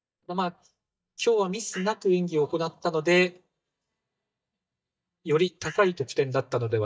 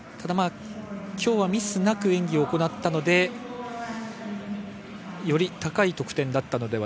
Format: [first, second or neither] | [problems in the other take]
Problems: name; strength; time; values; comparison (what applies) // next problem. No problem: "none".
second | noise reduction (neural mask model DeepFilterNet 3)